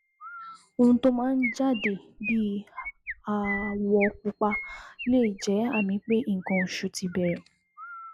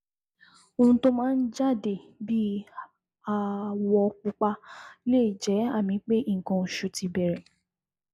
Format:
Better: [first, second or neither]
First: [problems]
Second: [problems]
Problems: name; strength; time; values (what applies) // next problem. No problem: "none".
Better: second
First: background sound (Chirp, tweet); 11 dB below the speech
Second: none